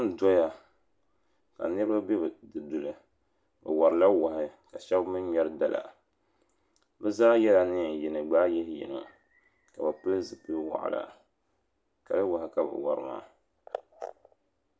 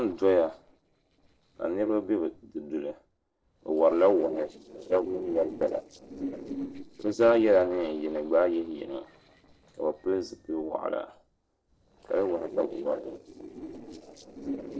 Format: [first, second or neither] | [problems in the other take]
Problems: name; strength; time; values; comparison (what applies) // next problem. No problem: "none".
first | noise reduction (neural separator model SepFormer DNS4)